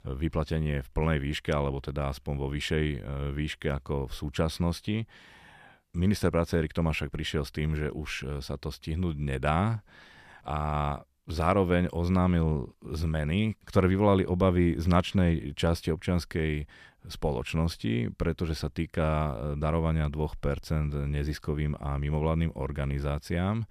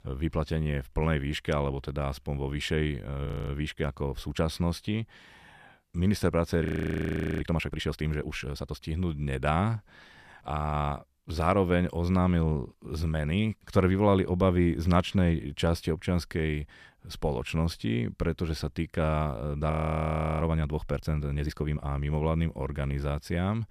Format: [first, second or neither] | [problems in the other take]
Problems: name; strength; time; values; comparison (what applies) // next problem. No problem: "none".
first | audio freezing; at 3.5 s, at 6.5 s for 1 s and at 20 s for 0.5 s